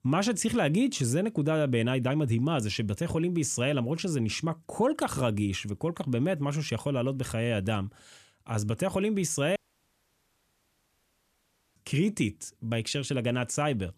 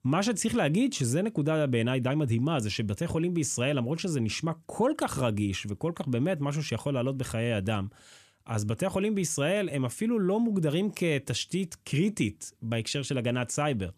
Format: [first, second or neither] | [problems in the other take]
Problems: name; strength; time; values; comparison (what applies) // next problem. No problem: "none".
second | audio cutting out; at 9.5 s for 2 s